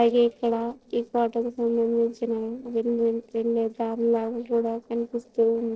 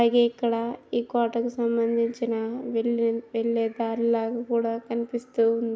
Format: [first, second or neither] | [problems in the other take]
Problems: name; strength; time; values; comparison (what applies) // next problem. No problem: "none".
second | noise reduction (neural separator model SepFormer DNS4)